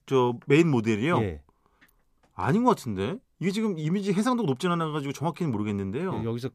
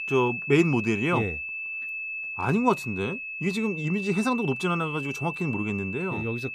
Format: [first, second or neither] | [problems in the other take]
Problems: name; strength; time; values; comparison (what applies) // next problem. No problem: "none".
first | high-pitched whine; loud; throughout; 2.5 kHz, 5 dB below the speech